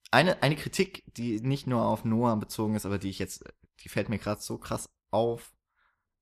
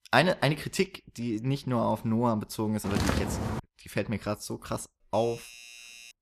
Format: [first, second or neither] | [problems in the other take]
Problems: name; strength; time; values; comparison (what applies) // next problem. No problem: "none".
first | footsteps; loud; at 3 s; peak 1 dB above the speech // doorbell; faint; from 5 s on; peak 15 dB below the speech